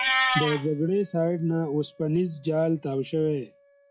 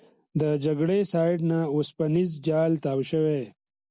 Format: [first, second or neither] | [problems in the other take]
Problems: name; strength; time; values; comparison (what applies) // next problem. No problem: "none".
second | noise reduction (classical method log-MMSE)